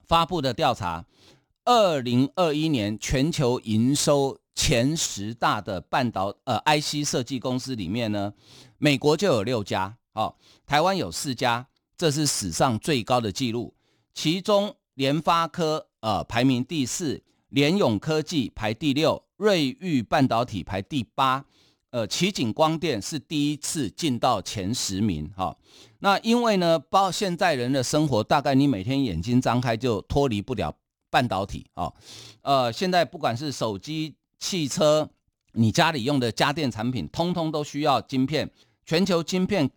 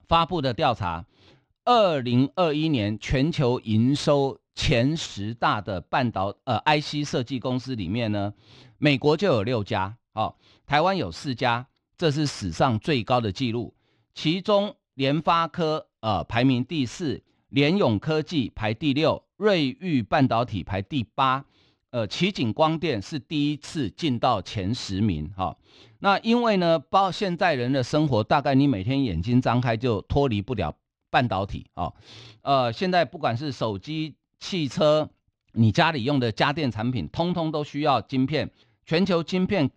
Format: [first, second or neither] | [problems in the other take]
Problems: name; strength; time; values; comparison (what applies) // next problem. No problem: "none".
first | muffled; very slightly; fading above 3 kHz